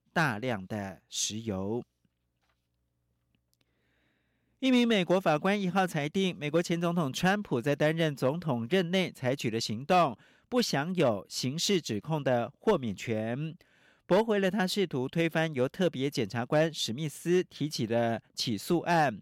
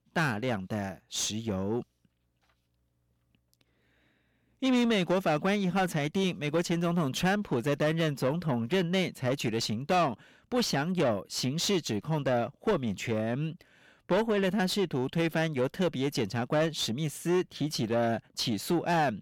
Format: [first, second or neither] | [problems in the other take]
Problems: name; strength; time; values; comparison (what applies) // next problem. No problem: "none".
first | distortion; slight; 10 dB below the speech